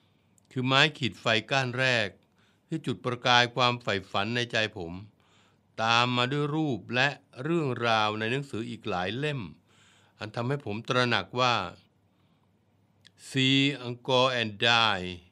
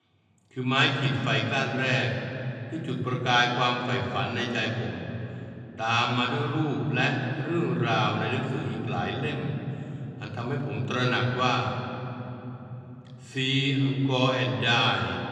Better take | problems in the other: first | room echo; noticeable; dies away in 3 s // off-mic speech; far

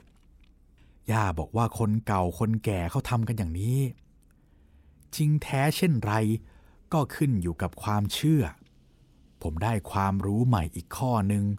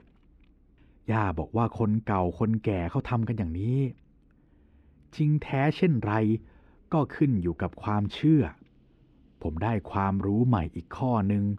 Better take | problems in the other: first | muffled; slightly; fading above 2.5 kHz

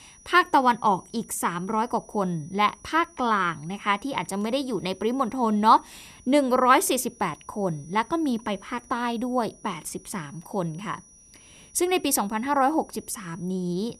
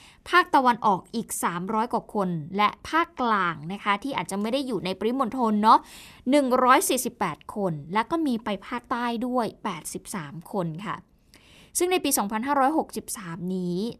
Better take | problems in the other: second | high-pitched whine; faint; throughout; 6 kHz, 25 dB below the speech

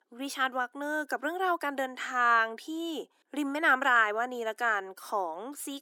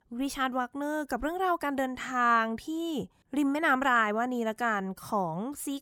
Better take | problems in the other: second | thin; somewhat; fading below 300 Hz

